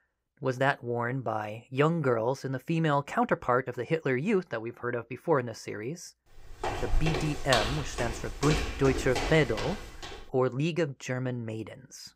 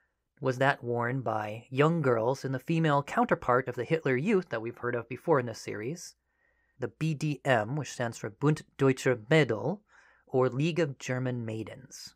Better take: second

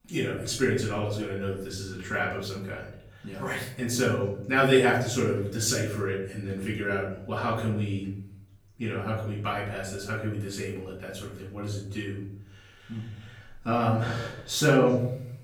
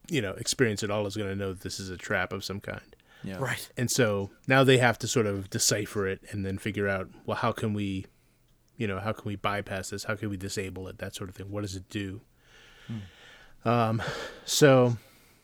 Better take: second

